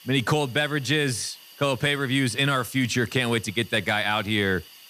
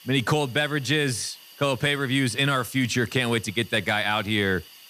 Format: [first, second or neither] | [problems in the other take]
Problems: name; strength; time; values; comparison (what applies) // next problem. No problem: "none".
neither | hiss; faint; throughout; 20 dB below the speech; the same in both